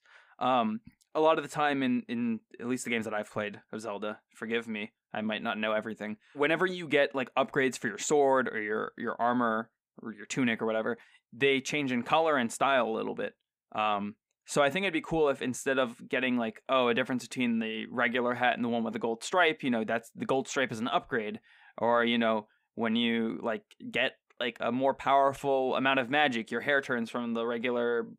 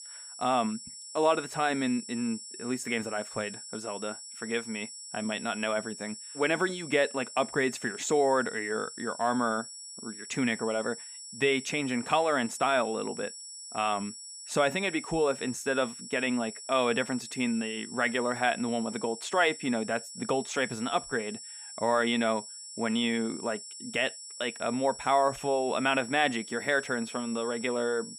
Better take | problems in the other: first | high-pitched whine; noticeable; throughout; 7.5 kHz, 10 dB below the speech

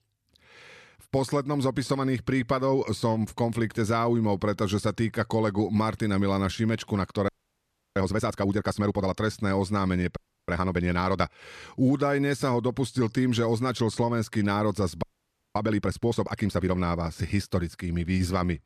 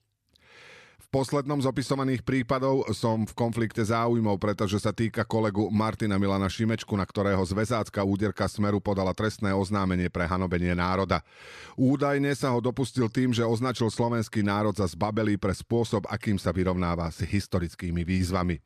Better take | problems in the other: second | audio freezing; at 7.5 s for 0.5 s, at 10 s and at 15 s for 0.5 s

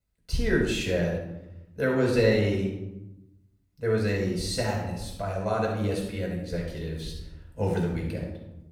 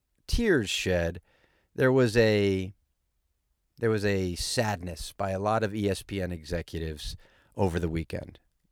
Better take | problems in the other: second | off-mic speech; far // room echo; noticeable; dies away in 0.8 s

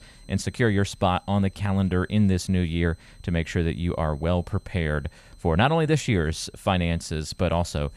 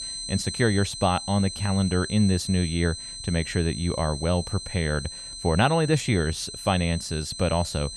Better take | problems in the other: first | high-pitched whine; loud; throughout; 4 kHz, 9 dB below the speech; faint in the first

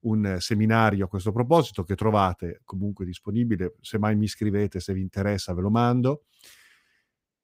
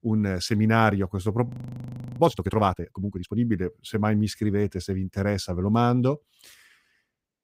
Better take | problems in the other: first | audio freezing; at 1.5 s for 0.5 s

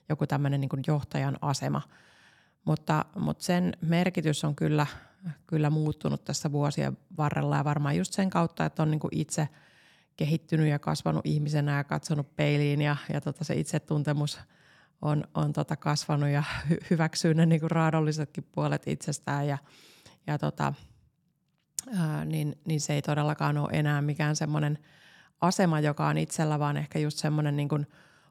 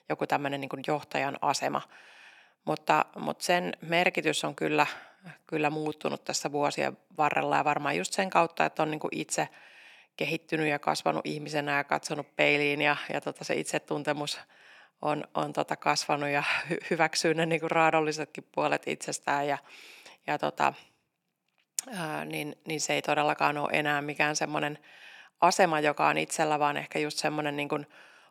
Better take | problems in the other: first | thin; very; fading below 400 Hz

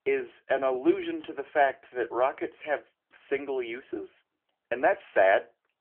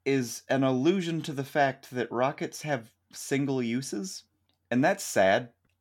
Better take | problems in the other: second | phone-call audio; nothing above 3 kHz

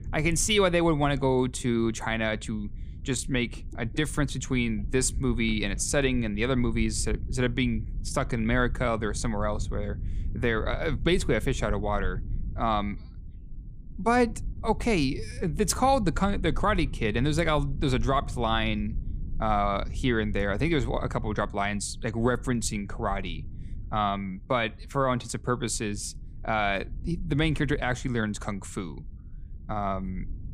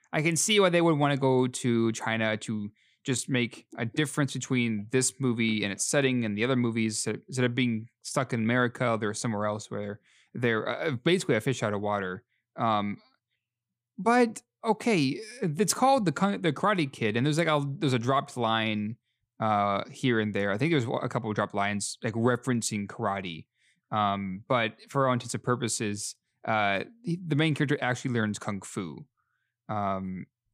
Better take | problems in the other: second | low rumble; faint; throughout; 25 dB below the speech

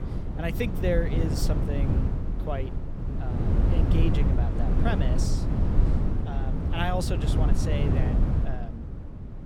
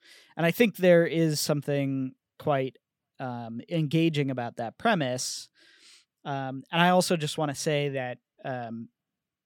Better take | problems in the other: second | wind noise on the microphone; heavy; 2 dB below the speech

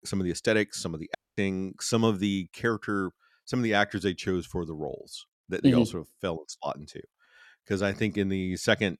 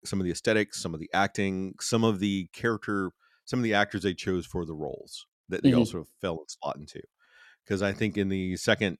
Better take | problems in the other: second | audio cutting out; at 1 s

